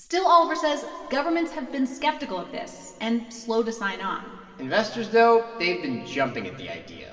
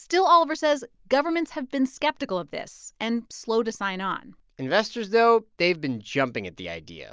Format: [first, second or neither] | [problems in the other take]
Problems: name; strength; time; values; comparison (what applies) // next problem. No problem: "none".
second | room echo; dies away in 2.3 s